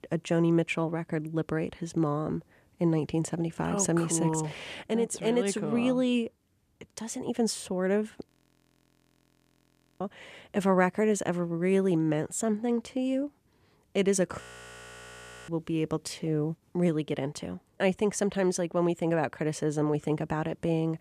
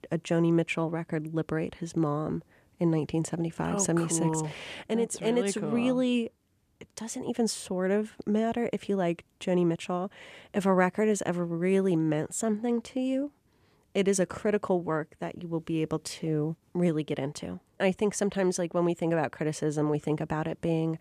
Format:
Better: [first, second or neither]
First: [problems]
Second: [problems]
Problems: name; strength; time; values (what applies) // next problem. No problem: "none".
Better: second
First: audio freezing; at 8.5 s for 1.5 s and at 14 s for 1 s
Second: none